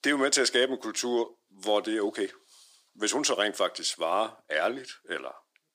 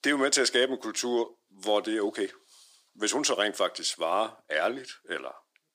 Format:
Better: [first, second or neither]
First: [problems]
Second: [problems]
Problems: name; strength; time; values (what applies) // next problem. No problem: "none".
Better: neither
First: thin; somewhat; fading below 350 Hz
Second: thin; somewhat; fading below 350 Hz